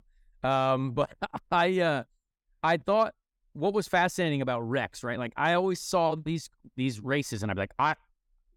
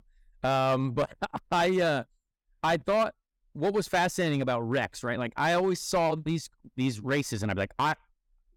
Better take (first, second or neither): first